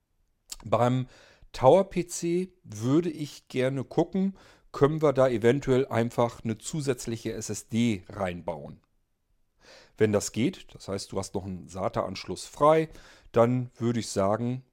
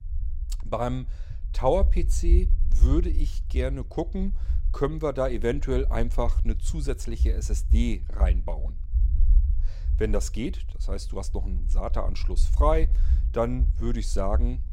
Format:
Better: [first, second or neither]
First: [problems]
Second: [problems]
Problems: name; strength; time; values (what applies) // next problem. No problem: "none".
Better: first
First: none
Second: low rumble; noticeable; throughout; 20 dB below the speech